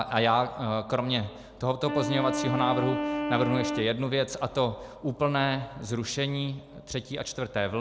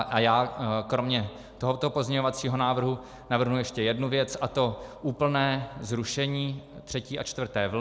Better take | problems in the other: second | background sound (Wind instrument, woodwind instrument); 4 dB below the speech

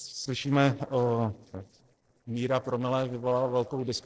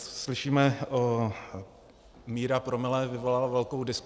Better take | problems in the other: second | noise reduction (neural separator model SepFormer DNS4)

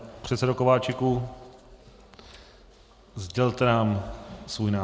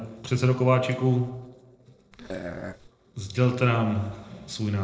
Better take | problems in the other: first | noise reduction (neural separator model SepFormer DNS4)

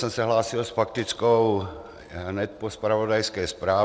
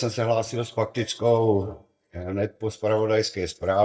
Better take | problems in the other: first | noise reduction (neural mask model DeepFilterNet 3)

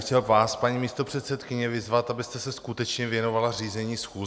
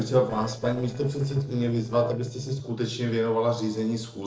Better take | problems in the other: first | noise reduction (neural separator model SepFormer DNS4)

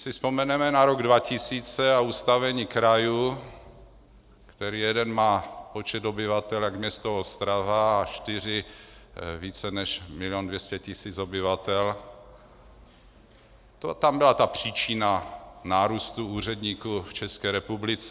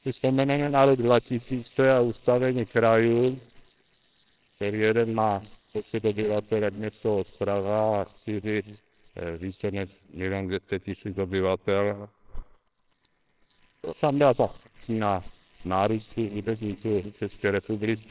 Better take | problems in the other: first | noise reduction (neural separator model SepFormer WHAMR!)

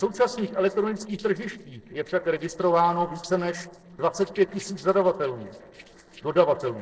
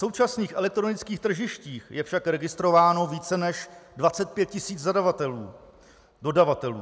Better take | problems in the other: second | noise reduction (neural separator model SepFormer DNS4)

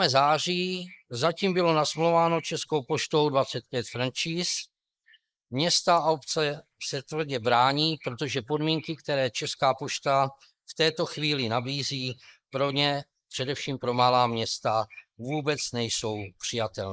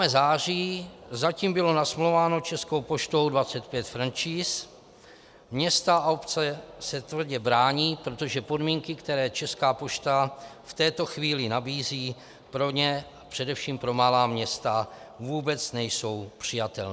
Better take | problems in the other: second | noise reduction (neural mask model Resemble Enhance denoiser)

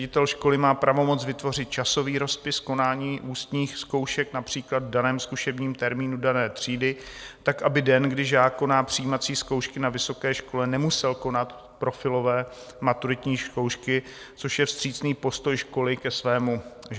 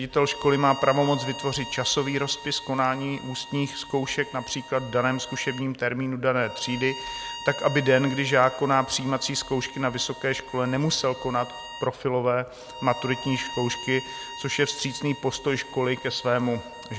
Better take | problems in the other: first | background sound (Bowed string instrument); 14 dB below the speech

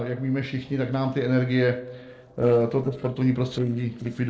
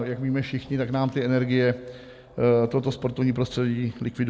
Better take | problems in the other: second | noise reduction (neural separator model SepFormer DNS4)

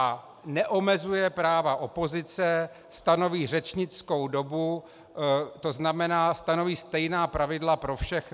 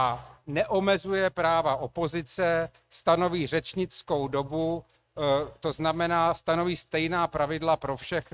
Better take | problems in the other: first | noise reduction (neural mask model RNNoise)

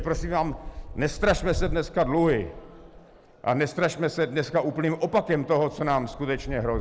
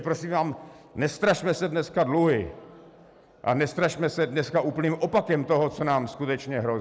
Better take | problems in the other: second | background sound (Wind); 10 dB below the speech

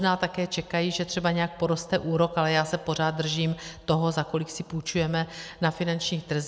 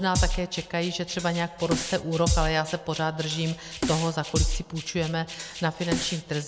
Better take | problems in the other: first | background sound (Drum kit); 3 dB below the speech

